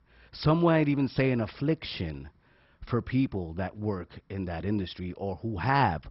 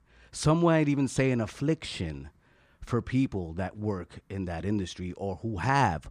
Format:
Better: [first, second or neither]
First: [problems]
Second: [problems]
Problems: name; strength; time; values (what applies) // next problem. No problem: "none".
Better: second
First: garbled, watery; badly; nothing above 5.5 kHz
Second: none